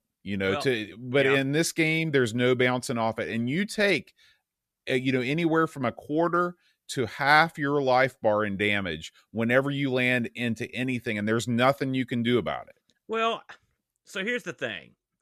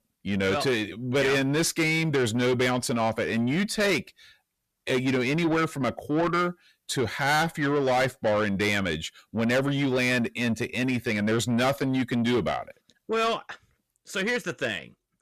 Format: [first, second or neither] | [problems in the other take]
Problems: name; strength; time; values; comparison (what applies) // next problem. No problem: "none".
first | distortion; heavy; 8 dB below the speech